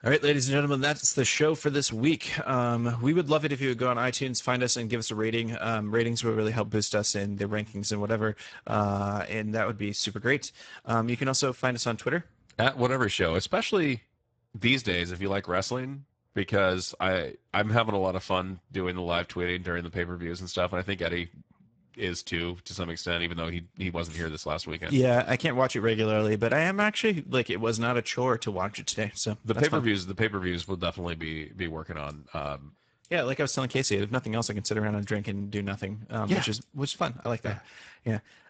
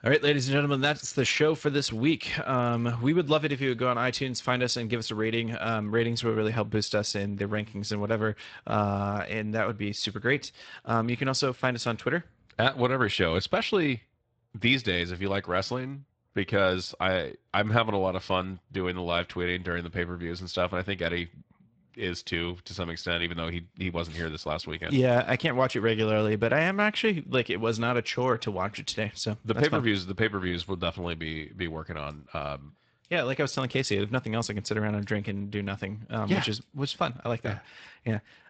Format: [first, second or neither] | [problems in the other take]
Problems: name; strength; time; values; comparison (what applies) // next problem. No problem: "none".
second | garbled, watery; badly; nothing above 8 kHz; slightly in the second